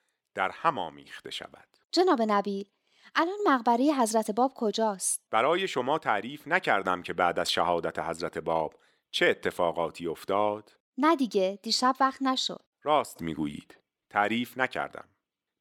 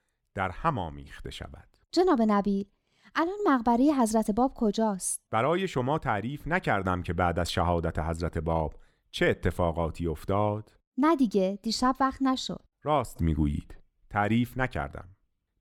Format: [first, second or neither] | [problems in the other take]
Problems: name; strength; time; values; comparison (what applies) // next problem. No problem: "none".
second | thin; very slightly; fading below 300 Hz